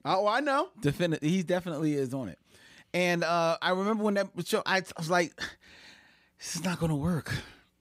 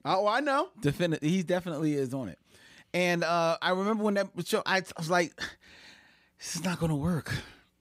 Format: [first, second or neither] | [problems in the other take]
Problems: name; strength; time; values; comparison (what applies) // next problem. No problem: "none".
neither | none